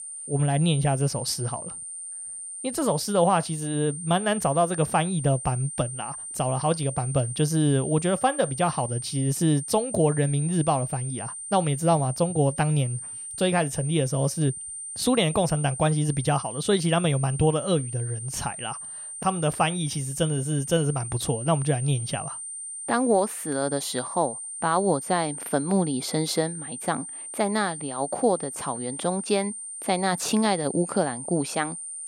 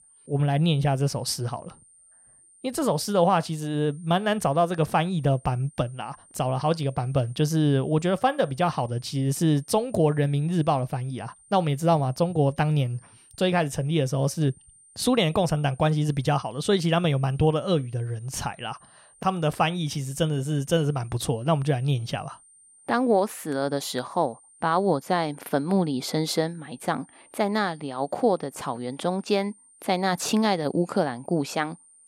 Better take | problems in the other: second | high-pitched whine; loud; throughout; 9 kHz, 8 dB below the speech; faint in the second

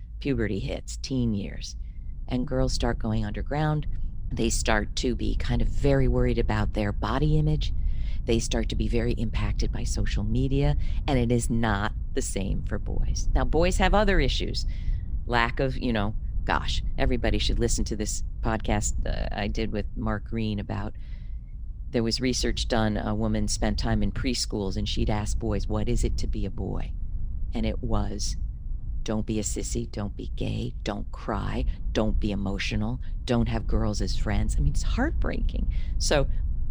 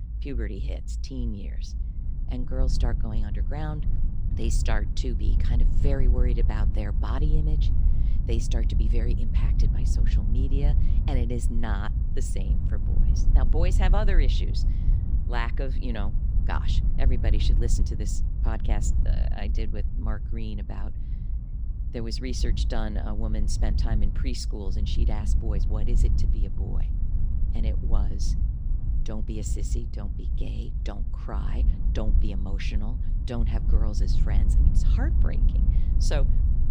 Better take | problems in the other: first | low rumble; loud; throughout; 7 dB below the speech; faint in the first

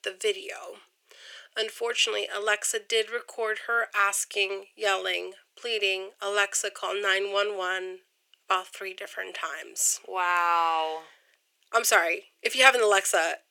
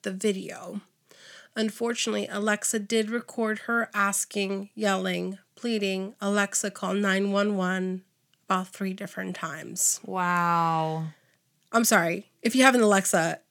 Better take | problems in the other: second | thin; very; fading below 400 Hz

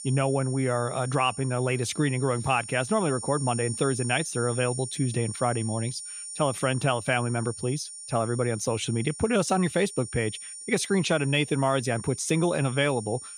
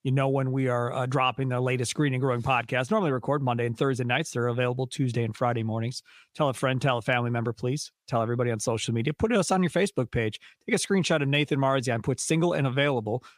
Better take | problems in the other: second | high-pitched whine; noticeable; throughout; 9 kHz, 10 dB below the speech

